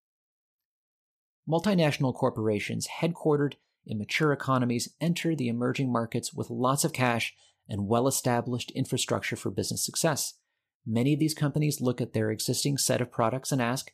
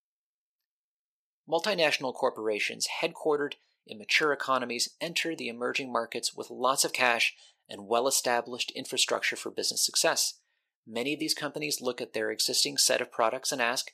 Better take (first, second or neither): first